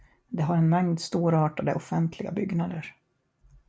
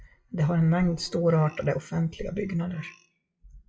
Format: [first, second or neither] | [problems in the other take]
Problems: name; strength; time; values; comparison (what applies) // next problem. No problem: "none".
first | noise reduction (classical method WPE with log-MMSE)